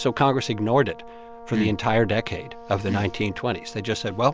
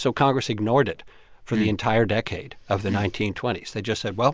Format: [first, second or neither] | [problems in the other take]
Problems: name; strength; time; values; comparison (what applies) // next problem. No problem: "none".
second | background sound (Brass instrument); 19 dB below the speech